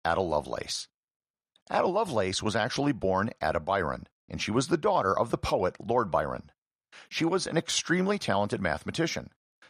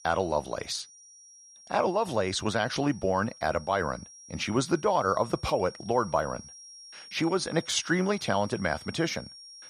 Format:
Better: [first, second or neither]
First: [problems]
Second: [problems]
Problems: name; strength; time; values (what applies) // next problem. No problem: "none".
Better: first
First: none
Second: high-pitched whine; noticeable; throughout; 5.5 kHz, 20 dB below the speech